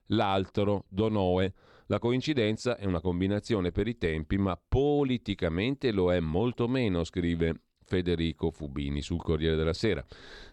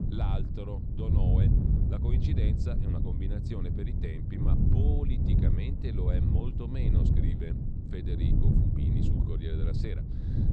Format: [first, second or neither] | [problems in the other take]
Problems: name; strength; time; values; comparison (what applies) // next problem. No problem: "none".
first | wind noise on the microphone; heavy; 3 dB above the speech